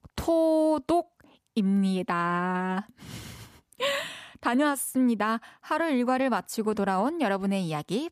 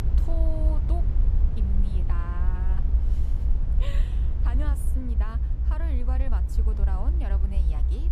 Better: first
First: none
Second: low rumble; loud; throughout; 3 dB below the speech

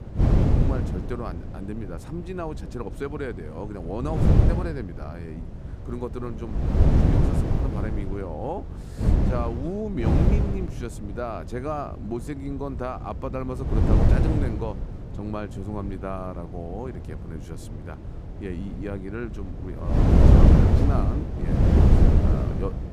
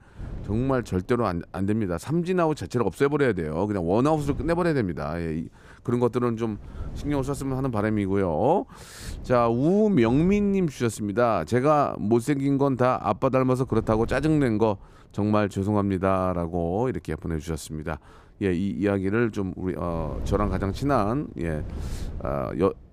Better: second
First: wind noise on the microphone; heavy; 4 dB above the speech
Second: wind noise on the microphone; occasional gusts; 25 dB below the speech

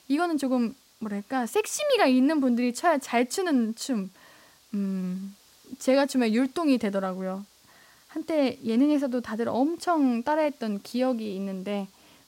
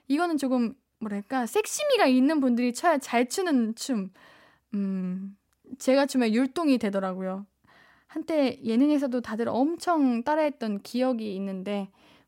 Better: second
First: hiss; faint; throughout; 30 dB below the speech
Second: none

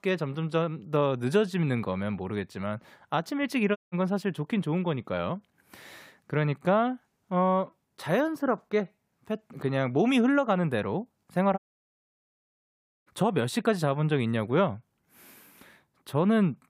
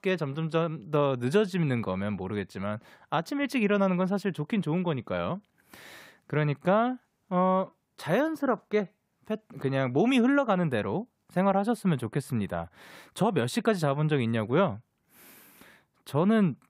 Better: second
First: audio cutting out; at 4 s and at 12 s for 1.5 s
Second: none

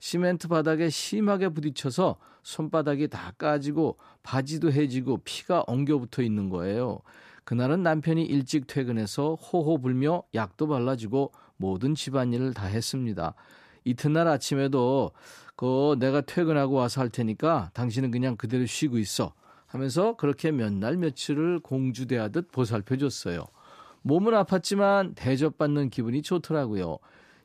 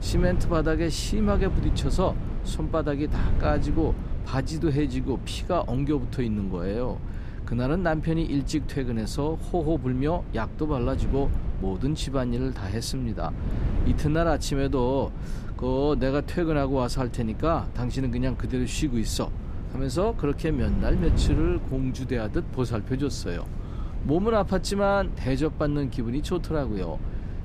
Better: first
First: none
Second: wind noise on the microphone; occasional gusts; 15 dB below the speech

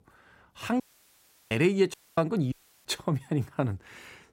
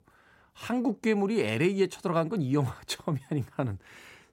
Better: second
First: audio cutting out; at 1 s for 0.5 s, at 2 s and at 2.5 s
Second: none

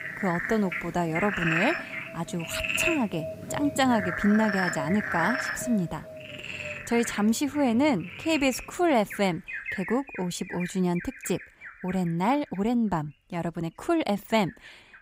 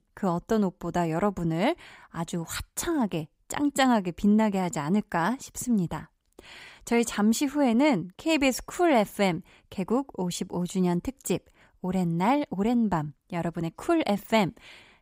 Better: second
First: animal sounds; loud; throughout; 5 dB below the speech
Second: none

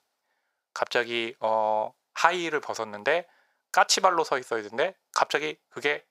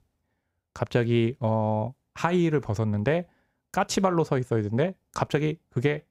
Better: second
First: thin; very; fading below 750 Hz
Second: none

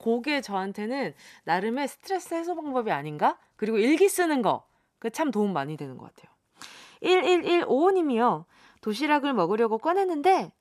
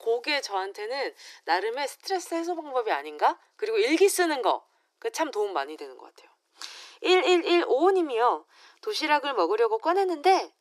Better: first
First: none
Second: thin; very; fading below 300 Hz

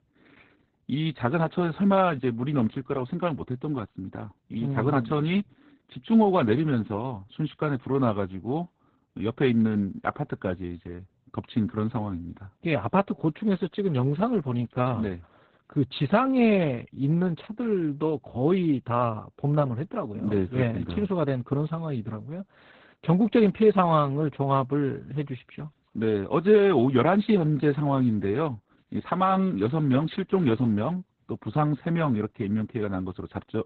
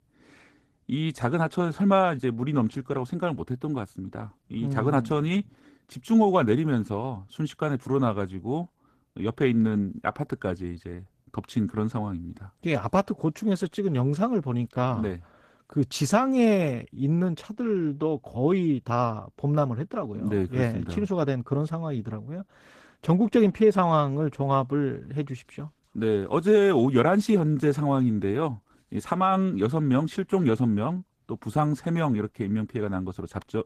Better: second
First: garbled, watery; badly; nothing above 4 kHz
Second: garbled, watery; slightly; nothing above 14.5 kHz

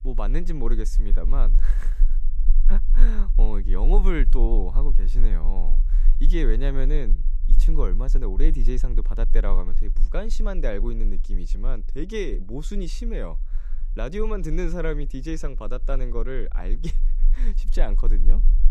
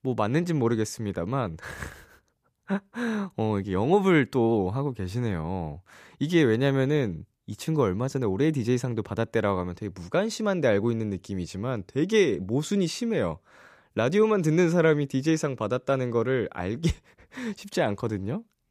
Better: second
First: low rumble; noticeable; throughout; 20 dB below the speech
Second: none

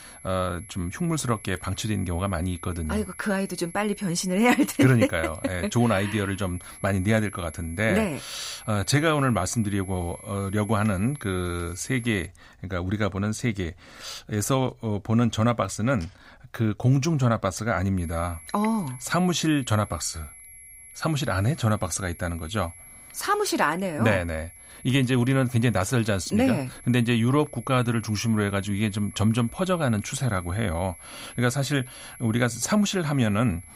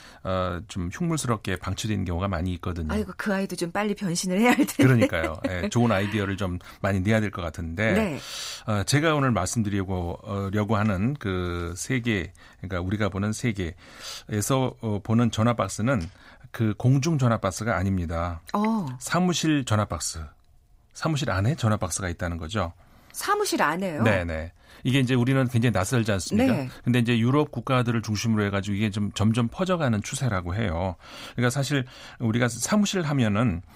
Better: second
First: high-pitched whine; noticeable; until 12 s and from 18 s on; 11 kHz, 20 dB below the speech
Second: none

